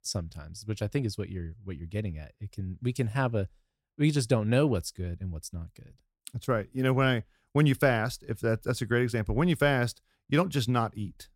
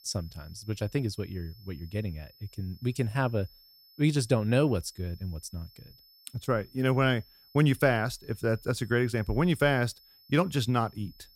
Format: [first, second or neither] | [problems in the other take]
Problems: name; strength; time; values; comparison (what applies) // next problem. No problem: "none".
first | high-pitched whine; faint; throughout; 5.5 kHz, 25 dB below the speech